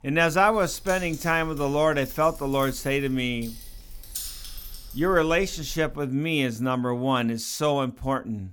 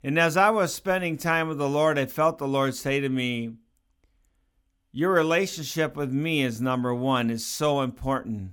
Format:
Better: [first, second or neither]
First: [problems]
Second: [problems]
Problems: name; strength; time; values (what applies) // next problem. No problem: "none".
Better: second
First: jangling keys; noticeable; until 6 s; peak 8 dB below the speech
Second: none